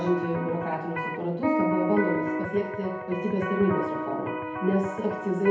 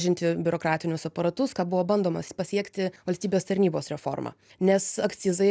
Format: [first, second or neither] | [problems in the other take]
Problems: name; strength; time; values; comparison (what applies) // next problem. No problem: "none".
second | background sound (Electric guitar); 3 dB below the speech // room echo; dies away in 2 s